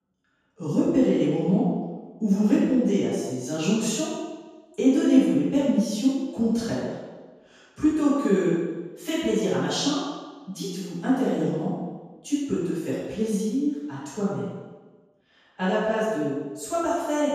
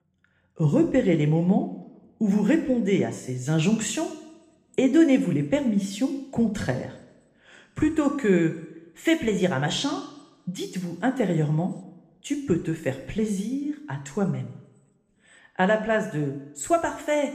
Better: second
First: room echo; strong; dies away in 1.1 s // off-mic speech; far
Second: room echo; slight; dies away in 0.8 s

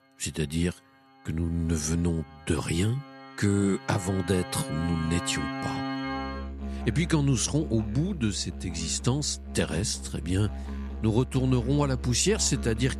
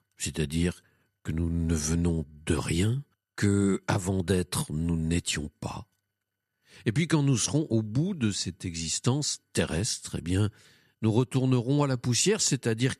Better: second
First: background music; loud; throughout; 9 dB below the speech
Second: none

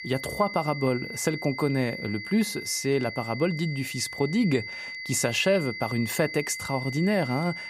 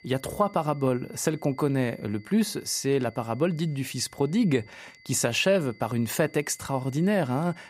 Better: second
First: high-pitched whine; loud; throughout; 2 kHz, 8 dB below the speech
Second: high-pitched whine; faint; throughout; 2 kHz, 25 dB below the speech

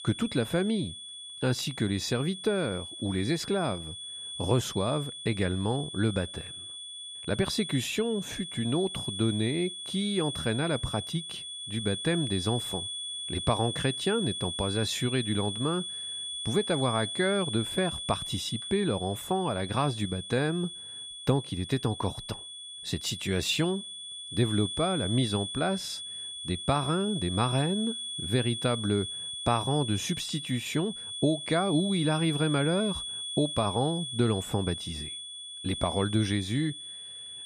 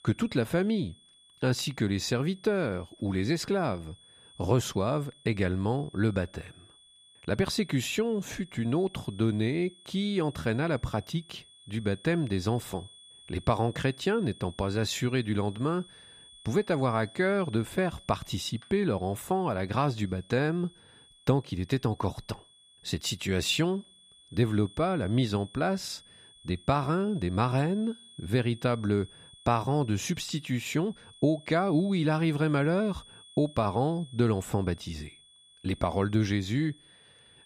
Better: second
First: high-pitched whine; loud; throughout; 3.5 kHz, 6 dB below the speech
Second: high-pitched whine; faint; throughout; 3.5 kHz, 25 dB below the speech

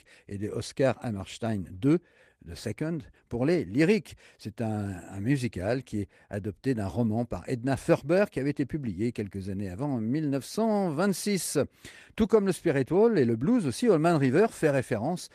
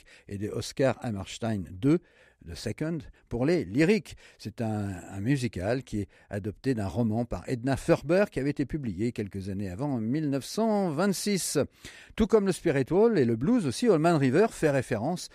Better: second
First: garbled, watery; slightly; nothing above 14.5 kHz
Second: none

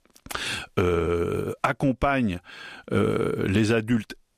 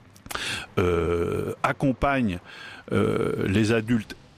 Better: first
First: none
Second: rain or running water; faint; throughout; 25 dB below the speech

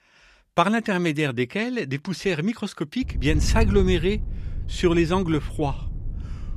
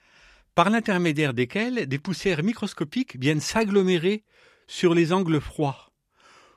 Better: second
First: wind noise on the microphone; occasional gusts; from 3 s on; 20 dB below the speech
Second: none

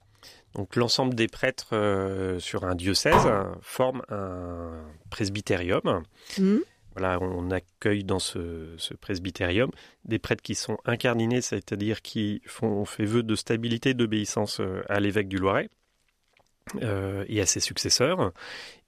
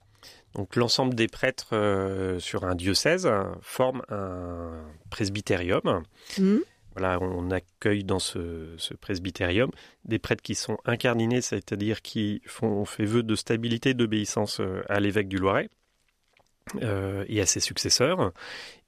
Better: second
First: clattering dishes; loud; at 3 s; peak 4 dB above the speech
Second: none

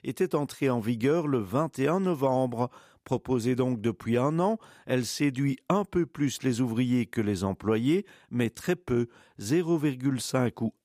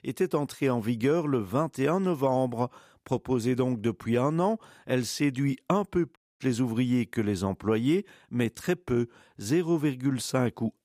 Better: first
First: none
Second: audio cutting out; at 6 s

